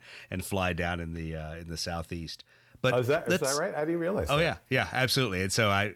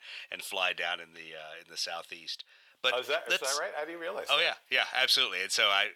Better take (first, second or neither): first